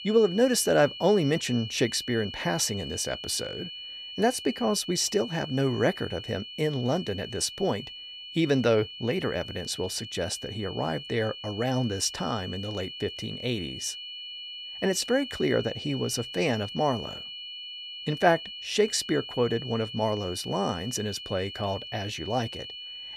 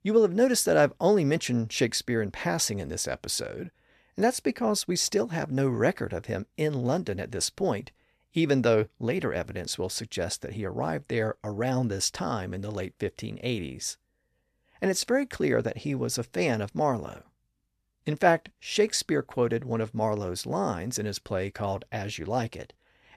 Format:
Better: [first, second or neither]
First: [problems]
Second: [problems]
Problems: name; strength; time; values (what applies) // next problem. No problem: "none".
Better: second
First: high-pitched whine; loud; throughout; 3 kHz, 10 dB below the speech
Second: none